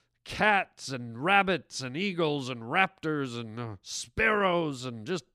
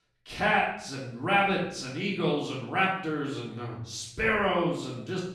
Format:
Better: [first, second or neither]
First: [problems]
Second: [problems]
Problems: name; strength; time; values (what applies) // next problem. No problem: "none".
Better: first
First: none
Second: off-mic speech; far // room echo; noticeable; dies away in 0.6 s